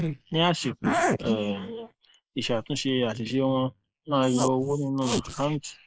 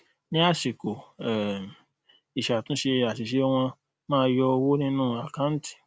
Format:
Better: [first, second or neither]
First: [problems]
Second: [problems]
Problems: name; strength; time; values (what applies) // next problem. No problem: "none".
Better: second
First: noise reduction (neural mask model Resemble Enhance denoiser)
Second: none